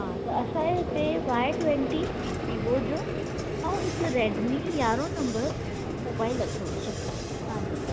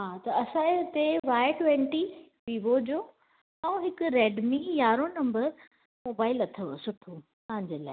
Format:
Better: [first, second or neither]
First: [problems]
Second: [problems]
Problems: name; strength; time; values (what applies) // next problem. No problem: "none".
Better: second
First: background sound (Vehicle); 1 dB below the speech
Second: none